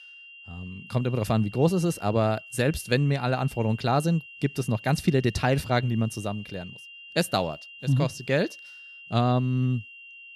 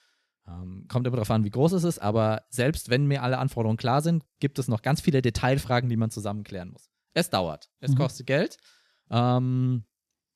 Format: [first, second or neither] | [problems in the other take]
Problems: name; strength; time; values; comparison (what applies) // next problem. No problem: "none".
second | high-pitched whine; noticeable; throughout; 3 kHz, 15 dB below the speech